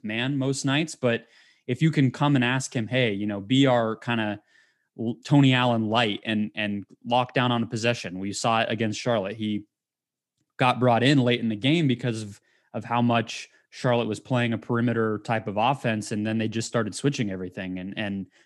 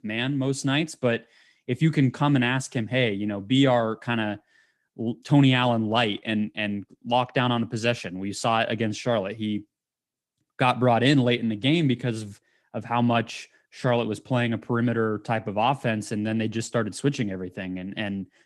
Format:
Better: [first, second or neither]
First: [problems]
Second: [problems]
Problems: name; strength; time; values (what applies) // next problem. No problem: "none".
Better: first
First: none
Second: garbled, watery; slightly